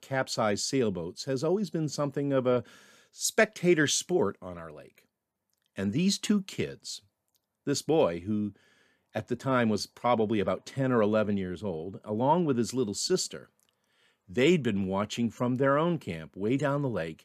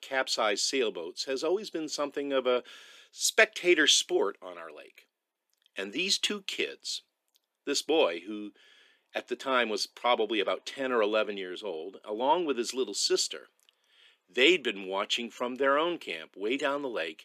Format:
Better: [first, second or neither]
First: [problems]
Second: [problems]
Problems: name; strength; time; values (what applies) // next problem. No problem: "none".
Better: first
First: none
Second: thin; somewhat; fading below 350 Hz